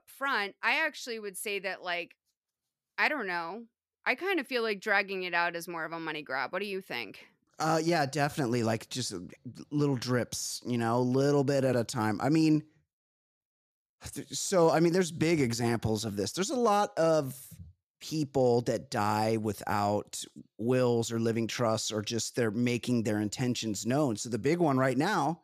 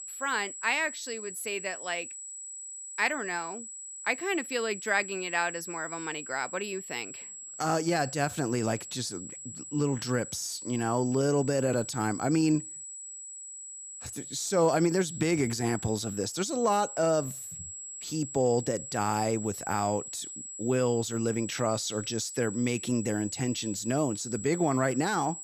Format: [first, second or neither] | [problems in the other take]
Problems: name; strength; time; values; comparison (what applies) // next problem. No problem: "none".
first | high-pitched whine; loud; throughout; 8 kHz, 9 dB below the speech